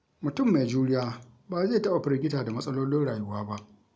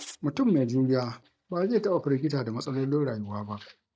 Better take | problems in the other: first | noise reduction (neural mask model DeepFilterNet 3)

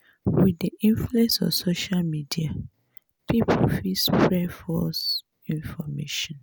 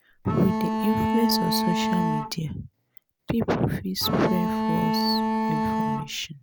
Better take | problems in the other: first | background sound (Bowed string instrument); 2 dB above the speech

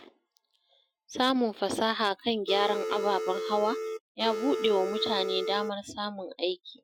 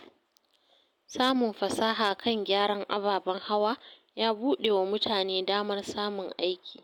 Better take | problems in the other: second | noise reduction (classical method Wiener filter)

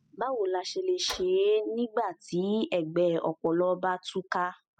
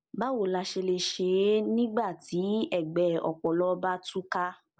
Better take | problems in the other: second | noise reduction (classical method spectral subtraction)

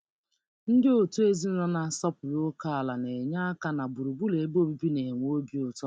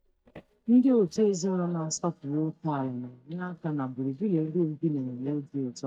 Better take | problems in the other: first | noise reduction (neural mask model DeepFilterNet 3)

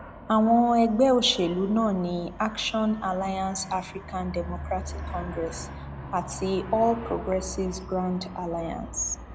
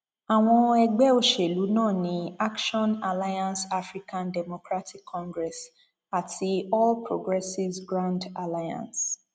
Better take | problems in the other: second | background sound (Aircraft); 12 dB below the speech

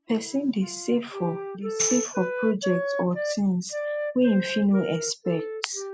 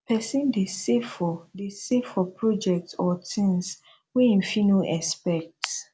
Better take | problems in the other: second | noise reduction (classical method spectral subtraction)

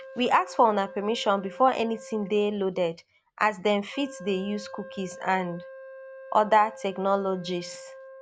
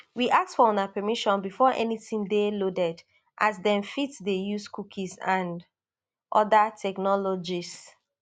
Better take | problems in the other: second | background sound (Wind instrument, woodwind instrument); 17 dB below the speech

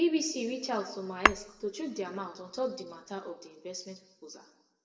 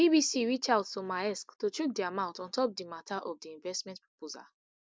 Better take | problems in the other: second | background sound (Tap / Hammer); 1 dB above the speech // room echo; dies away in 0.8 s

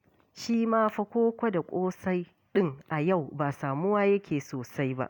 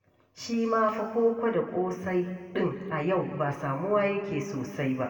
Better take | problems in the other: first | room echo; dies away in 2 s

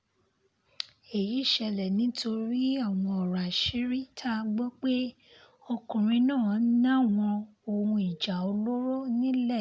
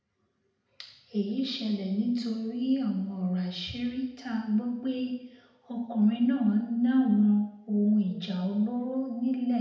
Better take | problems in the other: first | room echo; dies away in 0.8 s

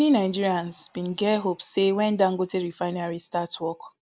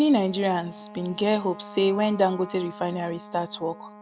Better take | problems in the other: first | background sound (Wind instrument, woodwind instrument); 17 dB below the speech

